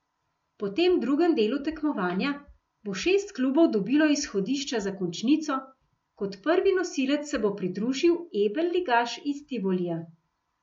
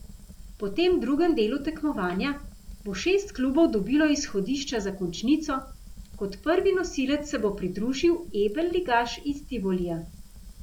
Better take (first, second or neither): first